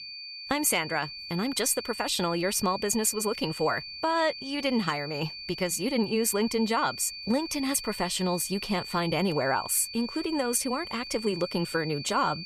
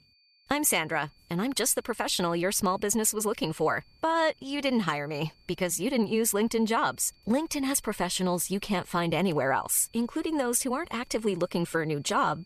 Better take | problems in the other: second | high-pitched whine; loud; throughout; 4.5 kHz, 9 dB below the speech; faint in the second

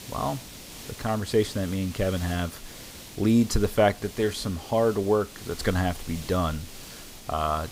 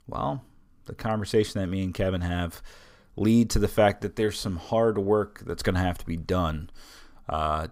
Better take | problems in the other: second | hiss; noticeable; throughout; 15 dB below the speech

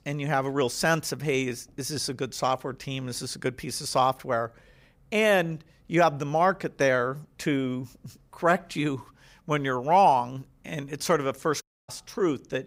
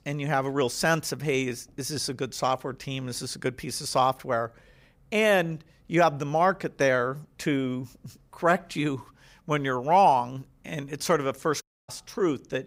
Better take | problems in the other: neither | audio cutting out; at 12 s; the same in both

